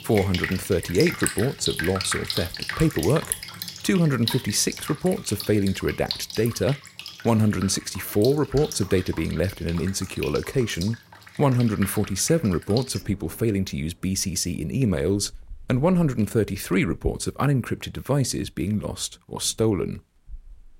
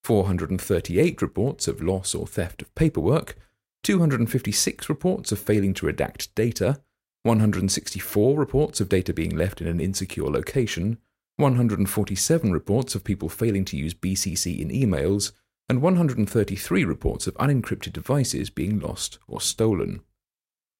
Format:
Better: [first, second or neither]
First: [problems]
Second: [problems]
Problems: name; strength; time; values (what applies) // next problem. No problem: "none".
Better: second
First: rain or running water; loud; throughout; 9 dB below the speech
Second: none